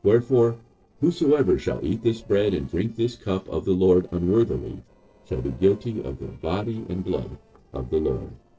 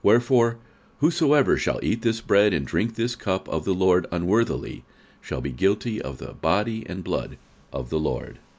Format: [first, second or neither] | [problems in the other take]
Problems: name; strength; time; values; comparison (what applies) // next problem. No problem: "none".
second | noise reduction (neural separator model SepFormer DNS4)